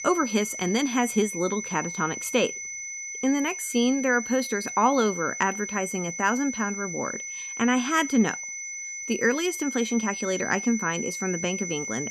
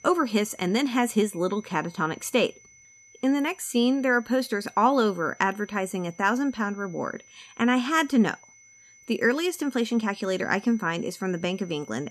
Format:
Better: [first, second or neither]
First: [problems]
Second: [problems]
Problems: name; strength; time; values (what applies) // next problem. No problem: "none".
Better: second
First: high-pitched whine; loud; throughout; 6 kHz, 6 dB below the speech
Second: high-pitched whine; faint; throughout; 6 kHz, 25 dB below the speech